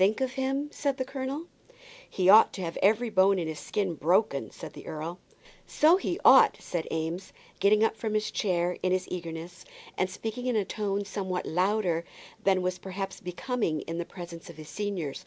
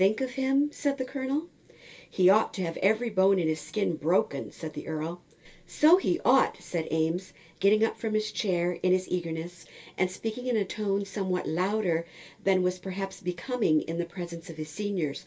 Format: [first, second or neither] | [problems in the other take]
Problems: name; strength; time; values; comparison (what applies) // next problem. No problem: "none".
first | room echo; dies away in 0.1 s